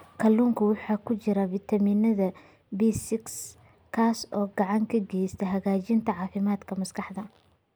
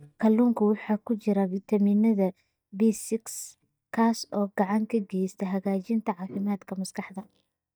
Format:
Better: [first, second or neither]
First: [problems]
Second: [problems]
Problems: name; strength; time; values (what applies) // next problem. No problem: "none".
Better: first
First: none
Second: noise reduction (neural mask model DeepFilterNet 3)